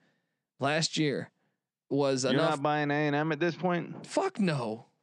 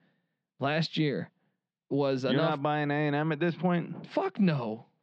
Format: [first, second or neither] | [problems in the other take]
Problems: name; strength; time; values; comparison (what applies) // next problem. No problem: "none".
first | muffled; very slightly; fading above 4 kHz